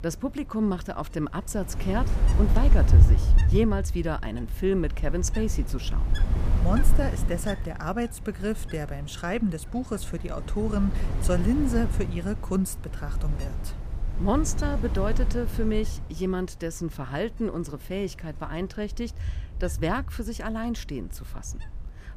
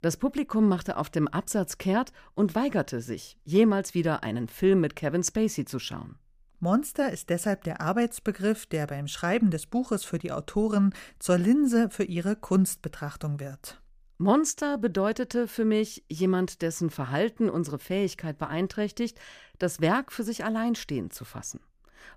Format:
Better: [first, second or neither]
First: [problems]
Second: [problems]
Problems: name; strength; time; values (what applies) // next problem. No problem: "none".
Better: second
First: wind noise on the microphone; heavy; 9 dB below the speech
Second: none